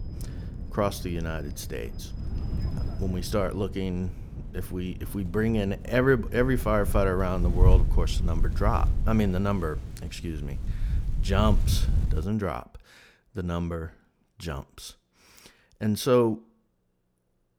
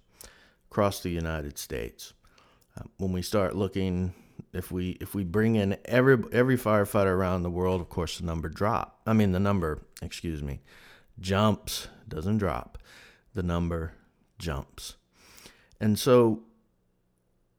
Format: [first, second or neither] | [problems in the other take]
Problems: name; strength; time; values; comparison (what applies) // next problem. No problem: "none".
second | wind noise on the microphone; occasional gusts; until 12 s; 15 dB below the speech